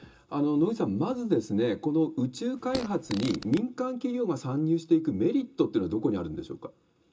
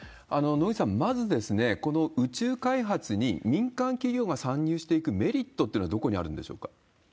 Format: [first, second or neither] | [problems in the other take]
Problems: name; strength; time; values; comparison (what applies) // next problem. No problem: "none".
second | background sound (Fart); 12 dB below the speech // room echo; dies away in 0.2 s